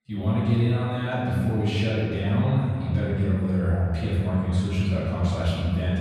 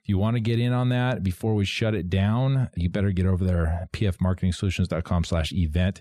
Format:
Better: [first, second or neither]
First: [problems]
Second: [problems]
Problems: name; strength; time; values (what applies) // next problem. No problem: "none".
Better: second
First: off-mic speech; far // room echo; strong; dies away in 2.1 s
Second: none